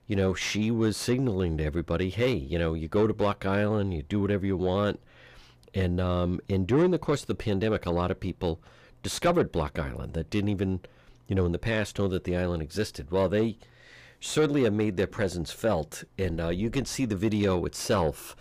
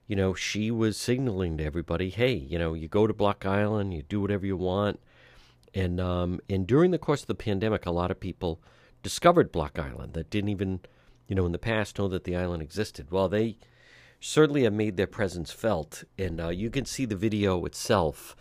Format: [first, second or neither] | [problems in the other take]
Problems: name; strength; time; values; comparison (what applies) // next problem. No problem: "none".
second | distortion; slight; 10 dB below the speech